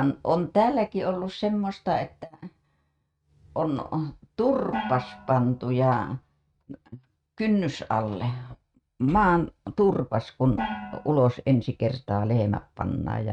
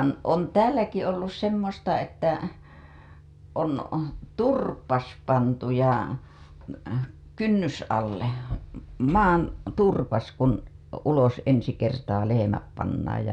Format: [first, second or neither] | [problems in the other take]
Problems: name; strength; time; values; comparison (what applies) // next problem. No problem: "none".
second | noise reduction (neural mask model RNNoise)